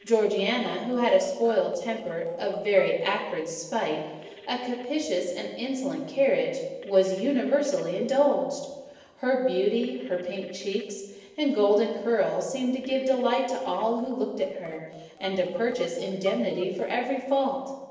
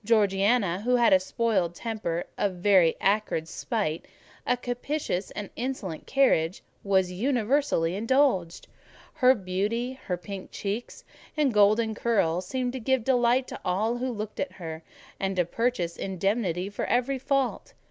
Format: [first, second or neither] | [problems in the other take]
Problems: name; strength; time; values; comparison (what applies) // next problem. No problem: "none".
second | noise reduction (neural separator model SepFormer DNS4)